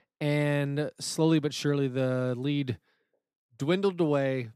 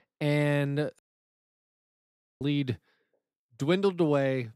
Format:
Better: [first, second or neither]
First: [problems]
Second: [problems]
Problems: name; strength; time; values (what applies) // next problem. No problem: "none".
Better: first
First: none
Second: audio cutting out; at 1 s for 1.5 s